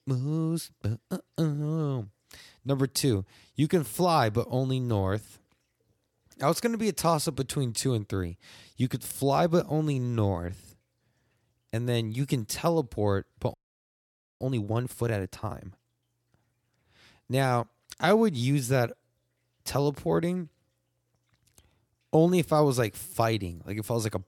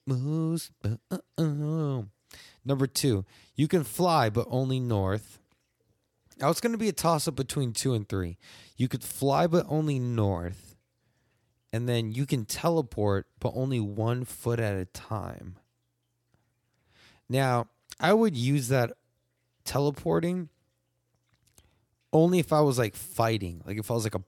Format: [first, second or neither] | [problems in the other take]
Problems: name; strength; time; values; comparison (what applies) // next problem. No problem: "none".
second | audio freezing; at 14 s for 1 s